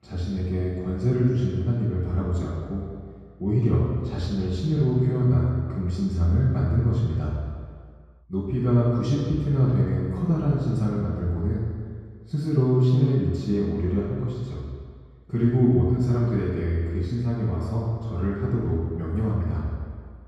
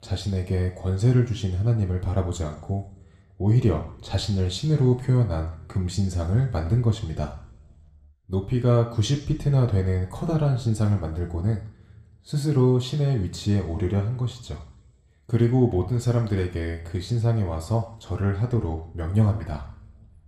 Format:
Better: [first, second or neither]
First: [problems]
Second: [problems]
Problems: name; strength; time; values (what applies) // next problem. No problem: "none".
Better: second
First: room echo; strong; dies away in 2 s // off-mic speech; far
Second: room echo; slight; dies away in 0.7 s // off-mic speech; somewhat distant